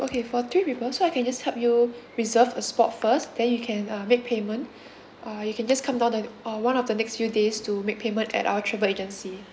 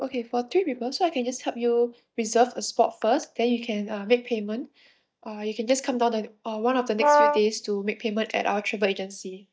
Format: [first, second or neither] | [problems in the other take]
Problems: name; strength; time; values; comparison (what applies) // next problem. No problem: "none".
first | noise reduction (neural mask model DeepFilterNet 3)